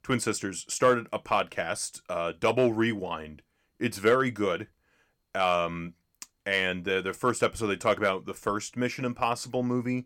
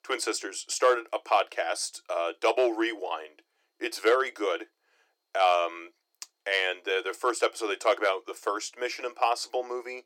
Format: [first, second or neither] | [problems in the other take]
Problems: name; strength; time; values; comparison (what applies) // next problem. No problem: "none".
first | thin; very; fading below 350 Hz